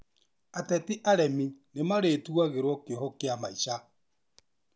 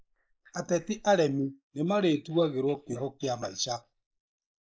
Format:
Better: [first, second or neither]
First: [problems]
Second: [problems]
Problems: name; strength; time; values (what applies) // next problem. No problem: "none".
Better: first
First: none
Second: noise reduction (neural mask model Resemble Enhance denoiser)